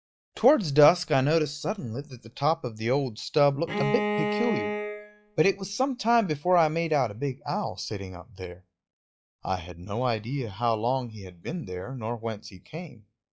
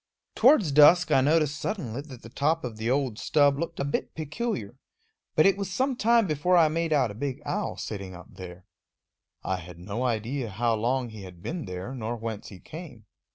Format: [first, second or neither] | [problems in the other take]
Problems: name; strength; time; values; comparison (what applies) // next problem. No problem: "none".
second | noise reduction (classical method log-MMSE)